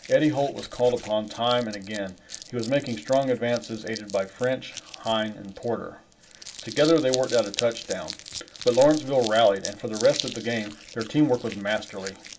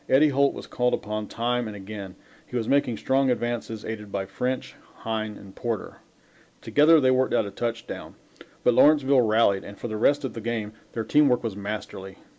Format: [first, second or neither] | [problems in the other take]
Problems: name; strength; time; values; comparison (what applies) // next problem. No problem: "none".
second | background sound (Crumpling, crinkling); 14 dB below the speech // room echo; dies away in 0.2 s